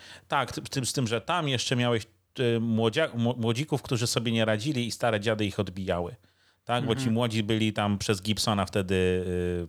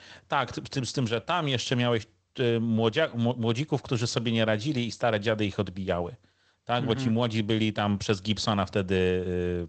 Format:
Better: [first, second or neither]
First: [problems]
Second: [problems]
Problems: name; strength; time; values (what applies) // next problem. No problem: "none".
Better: first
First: none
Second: garbled, watery; slightly; nothing above 8 kHz